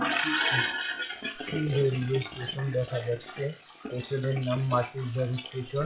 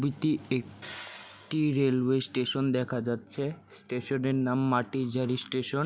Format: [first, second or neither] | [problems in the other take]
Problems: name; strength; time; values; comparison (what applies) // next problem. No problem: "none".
second | noise reduction (classical method WPE with log-MMSE)